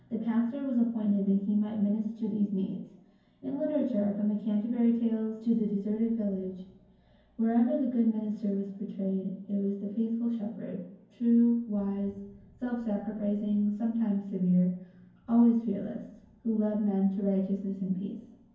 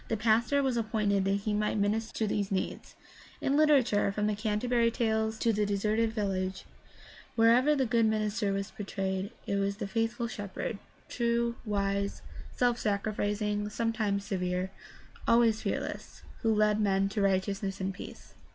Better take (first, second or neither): second